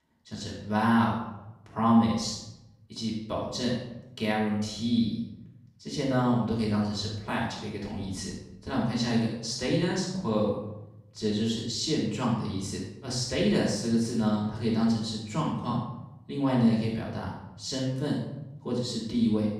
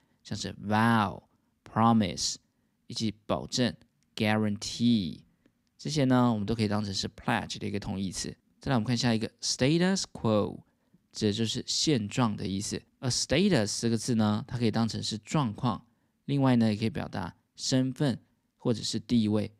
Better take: second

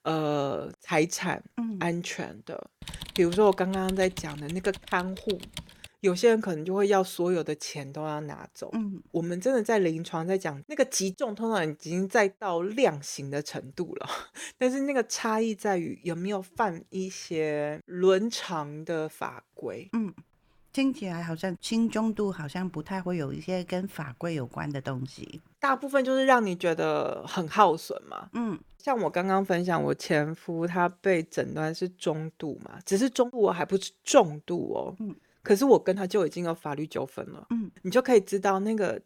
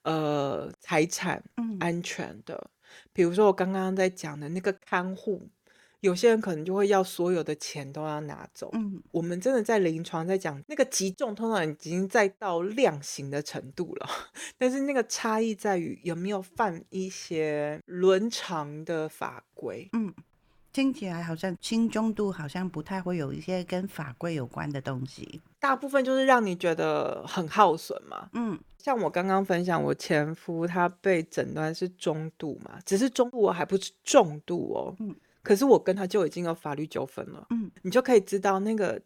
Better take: second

